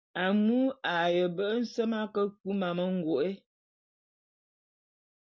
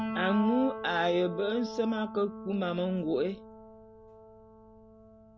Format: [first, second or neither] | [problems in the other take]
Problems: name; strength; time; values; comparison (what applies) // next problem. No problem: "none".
first | background sound (Piano); 9 dB below the speech